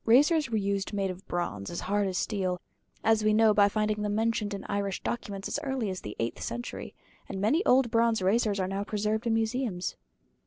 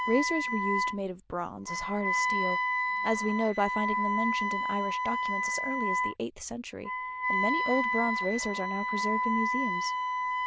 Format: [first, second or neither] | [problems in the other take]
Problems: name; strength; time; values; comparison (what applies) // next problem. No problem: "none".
first | noise reduction (neural diffusion model UNIVERSE++)